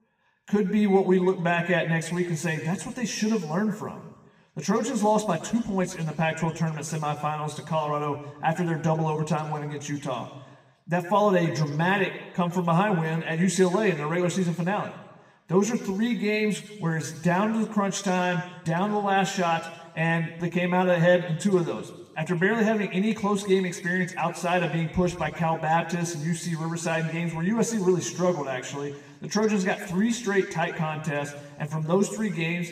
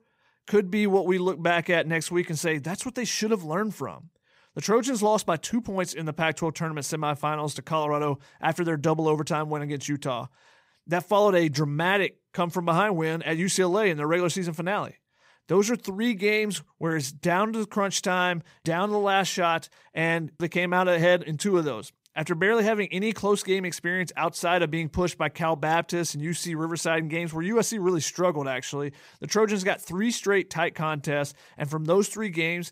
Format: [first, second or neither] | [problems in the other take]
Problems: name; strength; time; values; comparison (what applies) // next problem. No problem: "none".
second | room echo; slight; dies away in 1.1 s // off-mic speech; somewhat distant